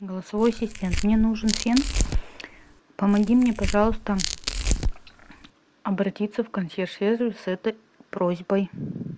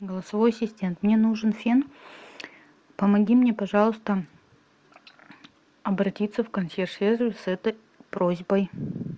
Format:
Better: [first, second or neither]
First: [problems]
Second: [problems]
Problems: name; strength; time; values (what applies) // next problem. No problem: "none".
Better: second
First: background sound (Tearing); 3 dB below the speech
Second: none